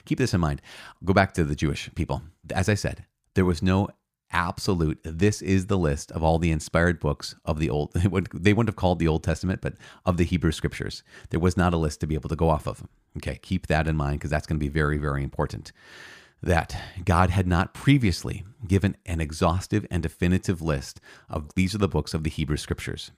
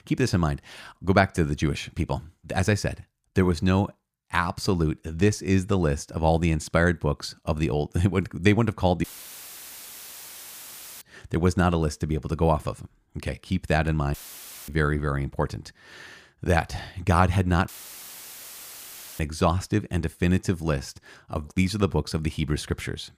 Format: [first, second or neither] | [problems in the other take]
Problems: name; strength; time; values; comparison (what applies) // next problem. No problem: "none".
first | audio cutting out; filled with static; at 9 s for 2 s, at 14 s for 0.5 s and at 18 s for 1.5 s